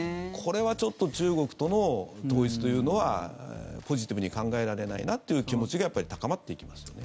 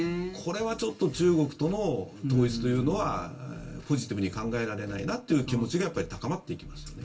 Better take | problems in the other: first | room echo; dies away in 0.2 s

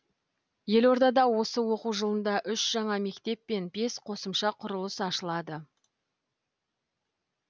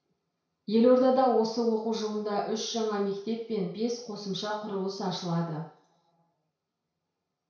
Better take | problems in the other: first | room echo; dies away in 0.6 s

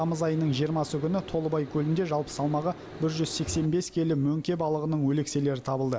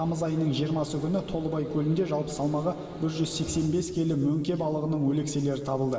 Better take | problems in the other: first | room echo; dies away in 2.8 s

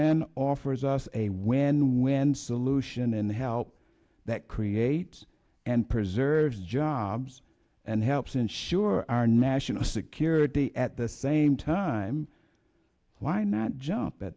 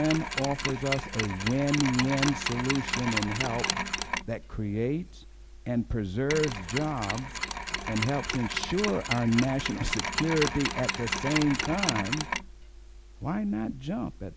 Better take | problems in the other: first | background sound (Mechanisms); 4 dB below the speech

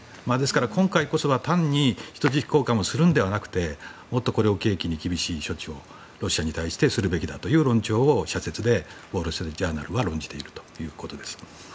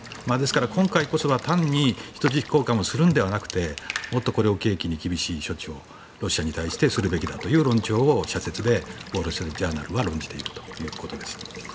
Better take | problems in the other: first | background sound (Water tap, faucet / Water / Liquid); 15 dB below the speech

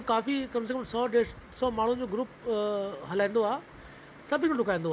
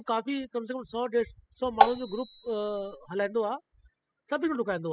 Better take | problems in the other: first | noise reduction (classical method spectral subtraction)

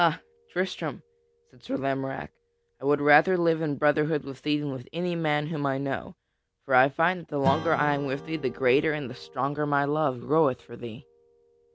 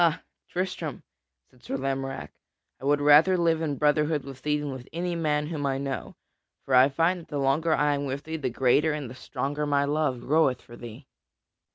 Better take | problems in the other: second | background sound (Strum); 17 dB below the speech

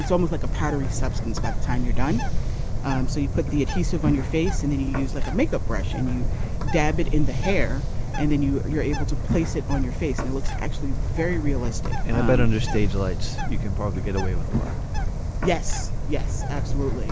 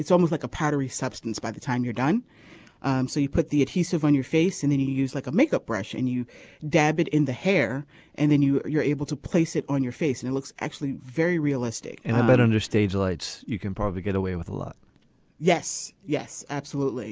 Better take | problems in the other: second | background sound (Bird); 4 dB above the speech

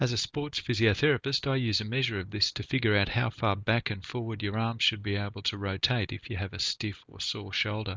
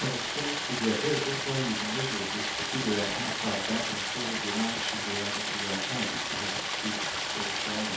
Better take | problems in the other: first | background sound (Stream); 2 dB above the speech // room echo; dies away in 0.6 s

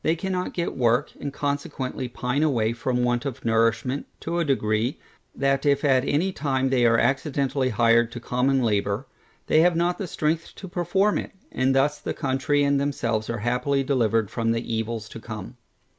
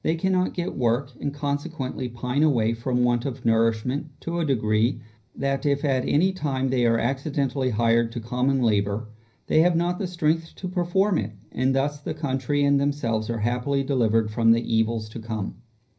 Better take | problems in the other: first | room echo; dies away in 0.5 s

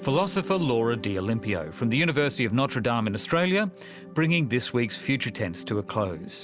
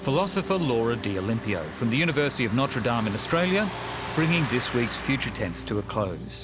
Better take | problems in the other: first | background sound (Truck); 11 dB below the speech

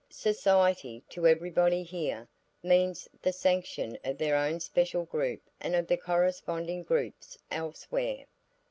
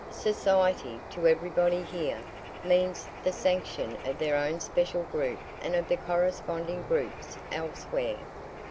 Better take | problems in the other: first | background sound (Bird); 12 dB below the speech

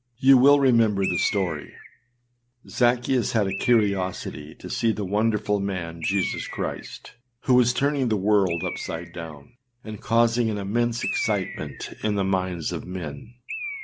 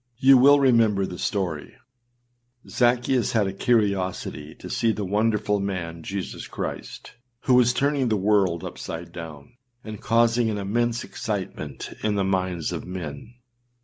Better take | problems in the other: second | background sound (Bird); 13 dB below the speech

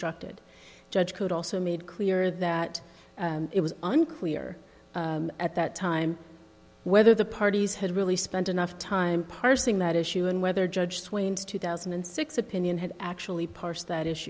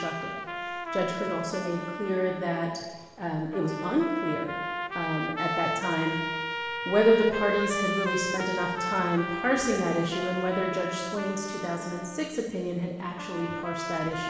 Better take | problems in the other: first | background sound (Trumpet); 5 dB below the speech // room echo; dies away in 1.2 s

